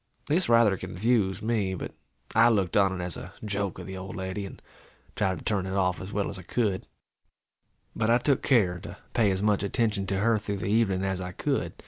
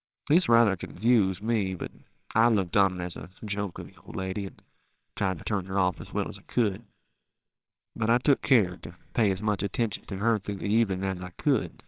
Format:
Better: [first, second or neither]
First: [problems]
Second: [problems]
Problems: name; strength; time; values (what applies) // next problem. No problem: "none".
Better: first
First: none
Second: noise reduction (neural separator model SepFormer WHAMR!)